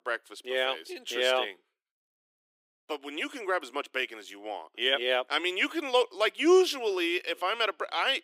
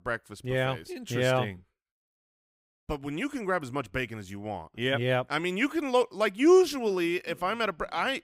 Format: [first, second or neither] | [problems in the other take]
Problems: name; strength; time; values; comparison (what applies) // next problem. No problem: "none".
second | thin; somewhat; fading below 300 Hz